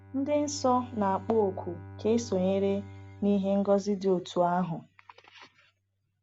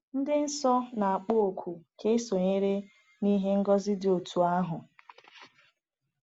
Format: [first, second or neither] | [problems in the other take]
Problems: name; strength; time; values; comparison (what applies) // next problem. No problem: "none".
second | background sound (Bowed string instrument); 18 dB below the speech